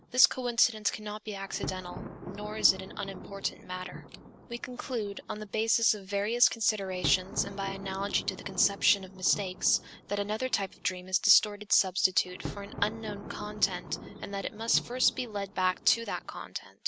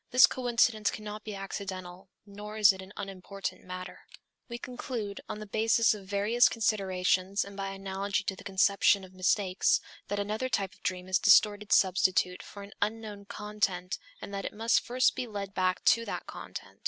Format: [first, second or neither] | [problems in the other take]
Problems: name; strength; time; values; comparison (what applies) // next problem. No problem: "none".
second | background sound (Thunder); 13 dB below the speech